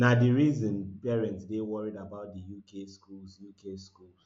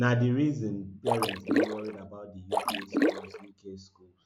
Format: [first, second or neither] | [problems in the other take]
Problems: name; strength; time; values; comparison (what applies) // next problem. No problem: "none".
first | background sound (Splash, splatter); 2 dB above the speech